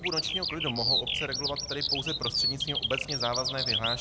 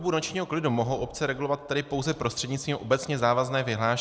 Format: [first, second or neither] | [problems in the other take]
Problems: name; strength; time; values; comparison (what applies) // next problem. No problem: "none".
second | background sound (Bird vocalization, bird call, bird song); 4 dB above the speech